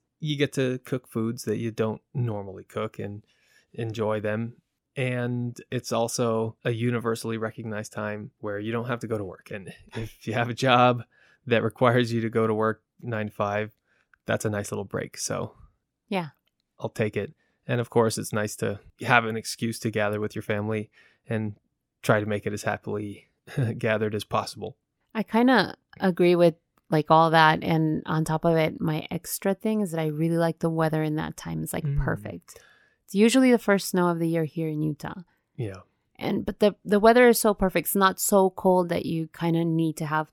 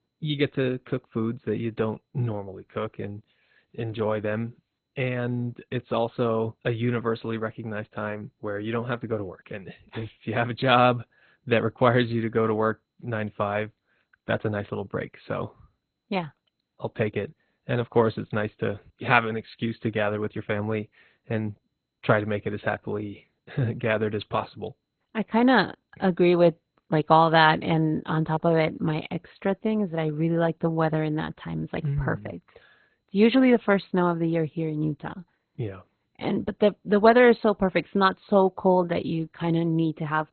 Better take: first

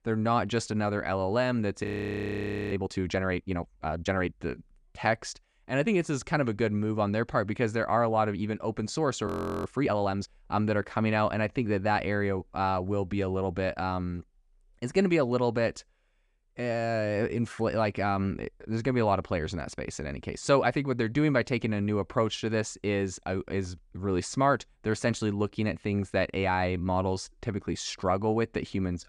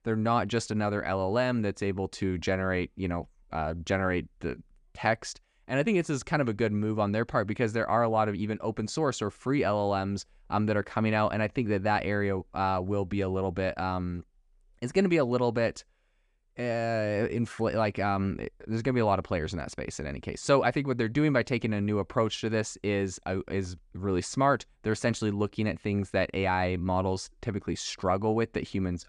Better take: second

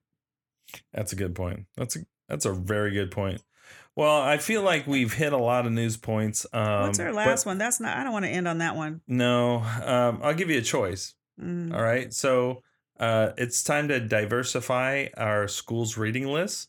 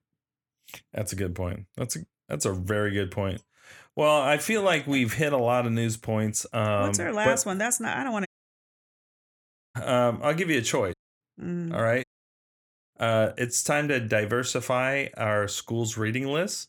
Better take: first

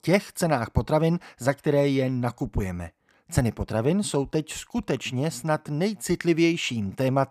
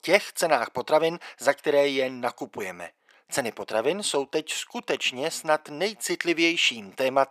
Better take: first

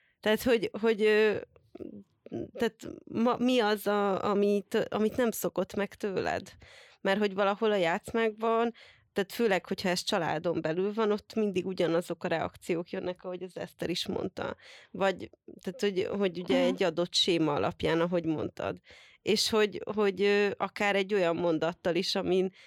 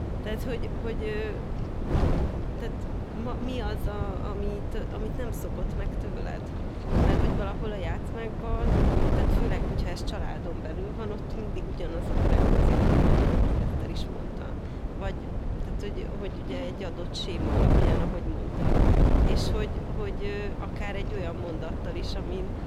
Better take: first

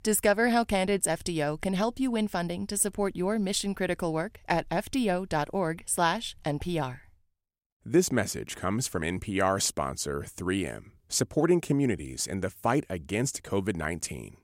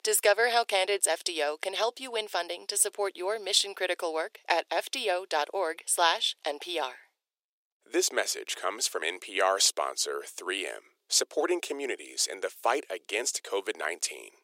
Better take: first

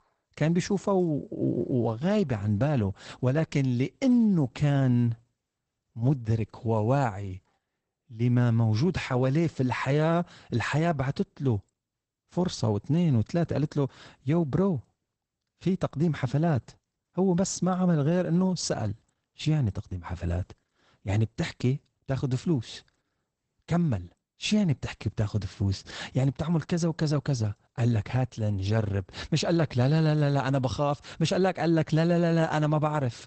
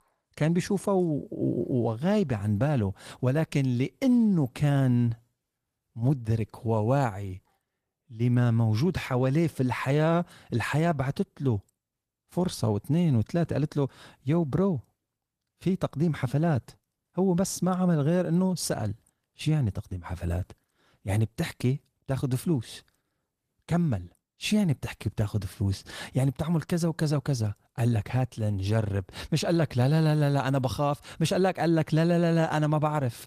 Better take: second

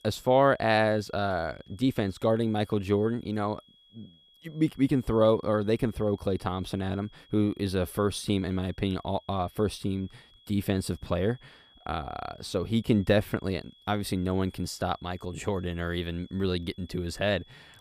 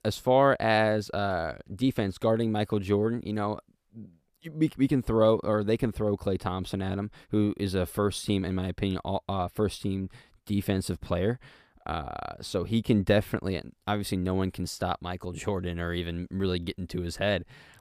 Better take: second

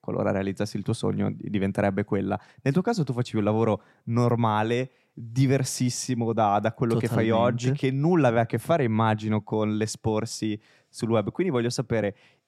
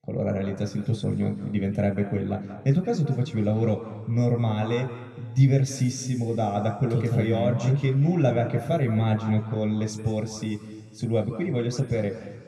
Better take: first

